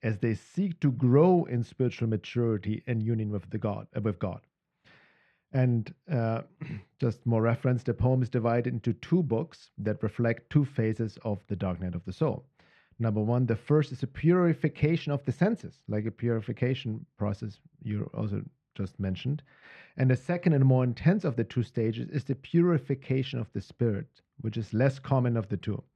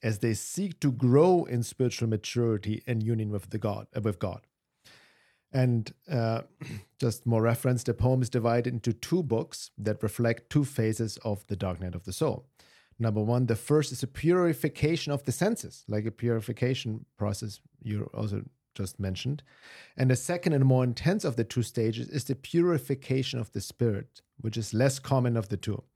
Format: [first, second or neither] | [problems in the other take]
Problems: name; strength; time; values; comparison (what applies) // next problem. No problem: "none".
second | muffled; slightly; fading above 2.5 kHz